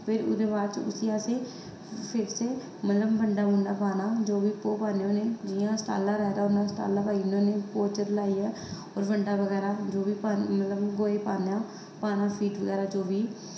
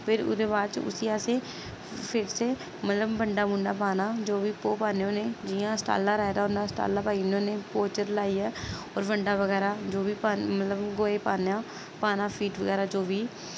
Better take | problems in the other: second | room echo; dies away in 0.7 s

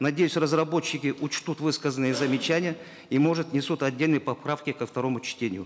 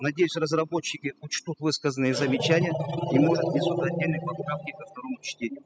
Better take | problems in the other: first | noise reduction (classical method spectral subtraction)

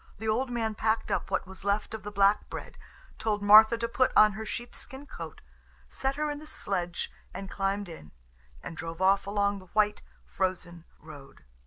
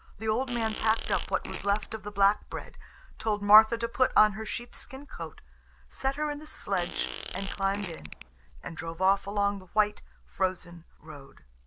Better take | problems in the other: first | background sound (Fart); 12 dB below the speech

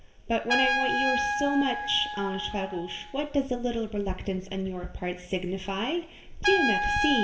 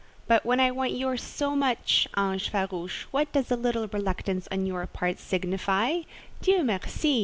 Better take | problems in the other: second | background sound (Trumpet); 2 dB below the speech // room echo; dies away in 0.7 s

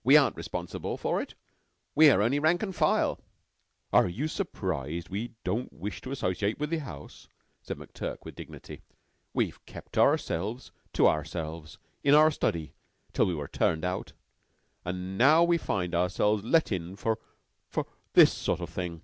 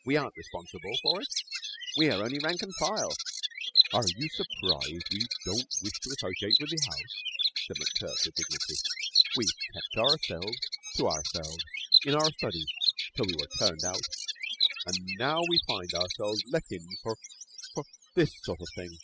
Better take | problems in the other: first | noise reduction (classical method spectral subtraction)

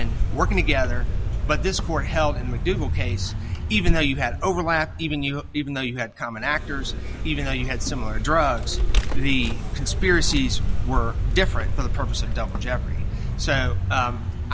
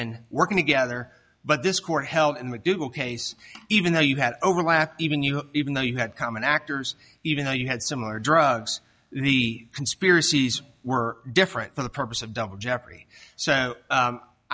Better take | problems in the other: second | background sound (Vehicle); 3 dB above the speech

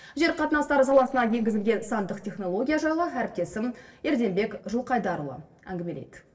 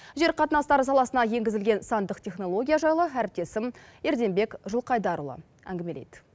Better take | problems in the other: second | noise reduction (neural separator model SepFormer DNS4)

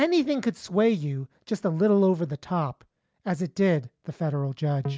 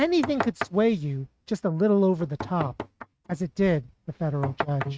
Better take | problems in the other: first | noise reduction (neural mask model RNNoise)

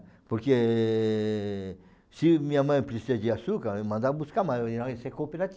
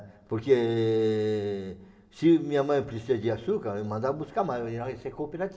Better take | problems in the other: first | room echo; dies away in 0.8 s

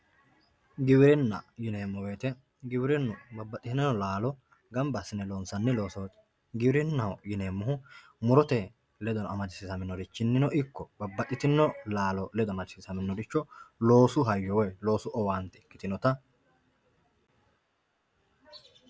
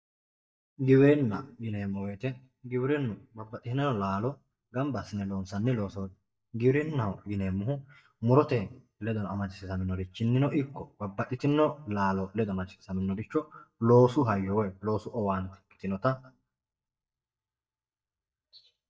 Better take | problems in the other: first | noise reduction (neural mask model DeepFilterNet 3)

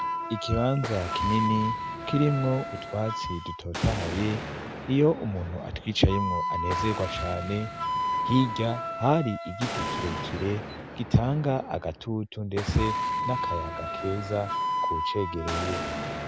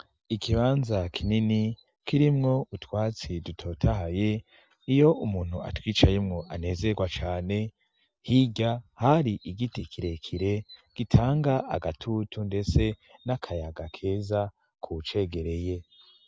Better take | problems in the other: second | background sound (Explosion + Wind instrument, woodwind instrument); 4 dB below the speech

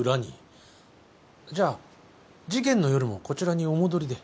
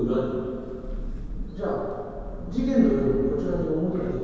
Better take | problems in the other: first | background sound (Thunder); 8 dB below the speech // room echo; dies away in 2.2 s

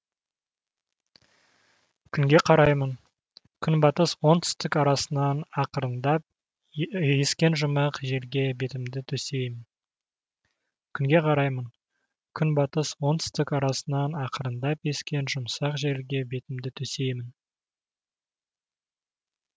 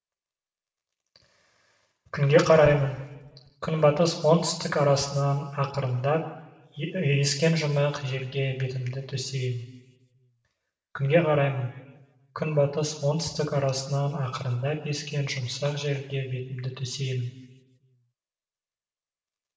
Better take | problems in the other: first | room echo; dies away in 1.1 s

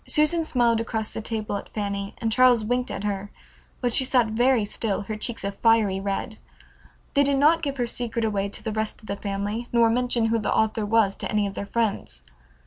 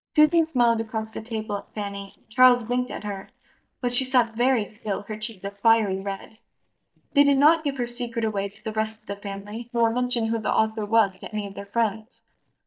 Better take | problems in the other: first | noise reduction (neural mask model DeepFilterNet 3)

